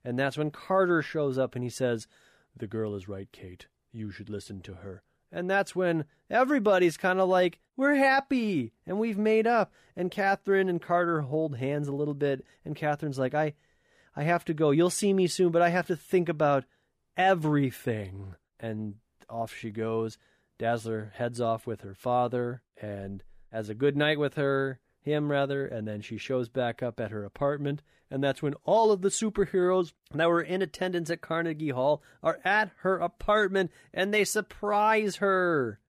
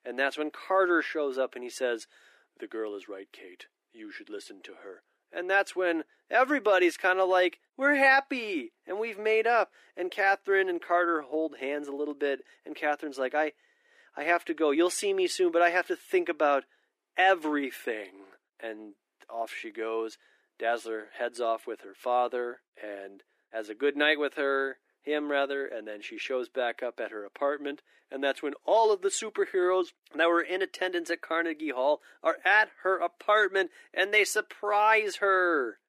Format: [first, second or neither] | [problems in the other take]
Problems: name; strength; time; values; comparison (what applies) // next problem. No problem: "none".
first | thin; somewhat; fading below 300 Hz